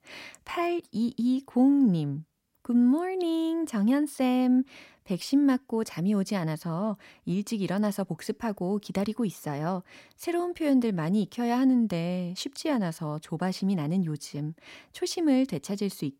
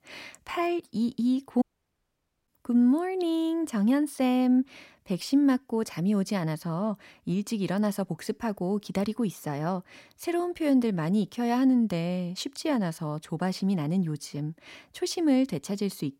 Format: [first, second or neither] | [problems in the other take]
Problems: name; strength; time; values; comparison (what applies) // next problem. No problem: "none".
first | audio cutting out; at 1.5 s for 1 s